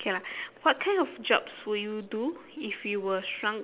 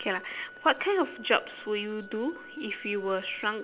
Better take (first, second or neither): first